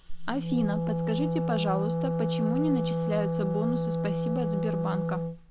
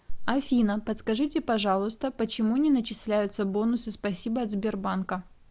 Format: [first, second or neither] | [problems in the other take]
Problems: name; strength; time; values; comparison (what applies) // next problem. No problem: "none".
second | background sound (Wind instrument, woodwind instrument); 2 dB above the speech